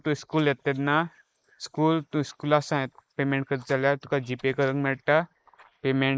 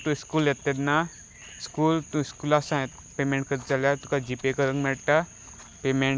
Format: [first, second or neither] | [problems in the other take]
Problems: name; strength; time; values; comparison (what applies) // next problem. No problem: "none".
second | noise reduction (neural mask model Resemble Enhance denoiser)